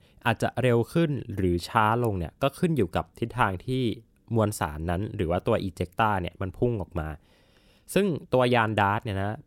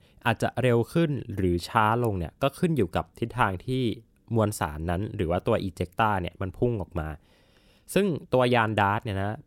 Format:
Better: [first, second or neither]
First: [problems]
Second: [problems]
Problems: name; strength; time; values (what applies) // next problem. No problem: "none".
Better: neither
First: none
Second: none